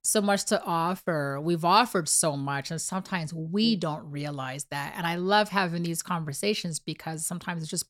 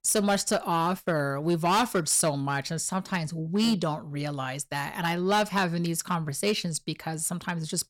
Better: first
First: none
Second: distortion; slight; 5% of the sound clipped

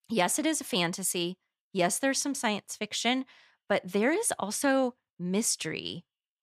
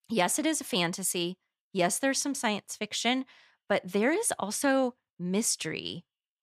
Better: neither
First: none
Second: none

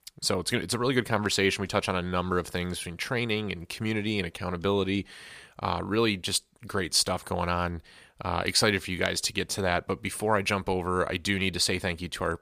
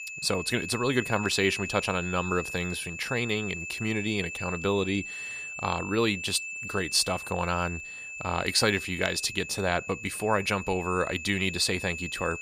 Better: first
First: none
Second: high-pitched whine; loud; throughout; 2.5 kHz, 7 dB below the speech

